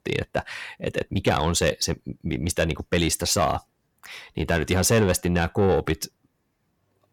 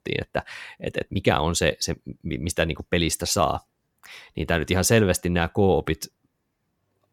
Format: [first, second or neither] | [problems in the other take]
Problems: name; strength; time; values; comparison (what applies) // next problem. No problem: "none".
second | distortion; slight; 10 dB below the speech